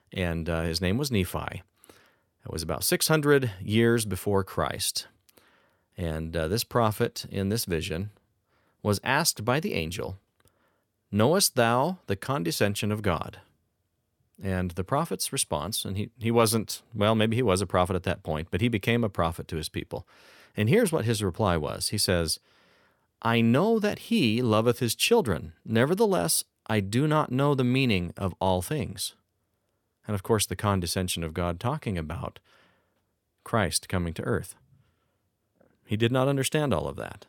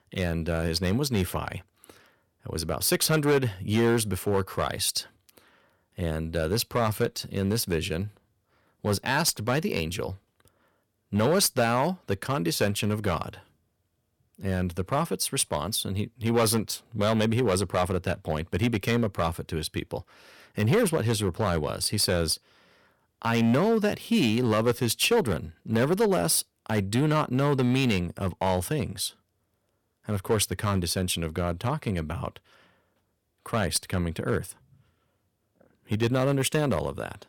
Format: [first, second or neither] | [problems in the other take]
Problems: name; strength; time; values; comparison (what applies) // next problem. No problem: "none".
first | distortion; slight; 4% of the sound clipped